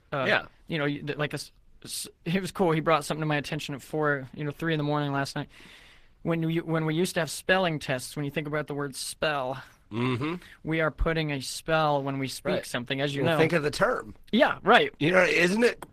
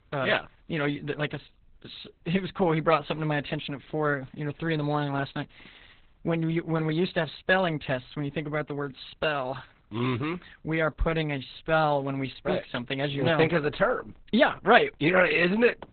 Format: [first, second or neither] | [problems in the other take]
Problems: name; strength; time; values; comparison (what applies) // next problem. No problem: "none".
first | garbled, watery; badly; nothing above 4 kHz; slightly in the first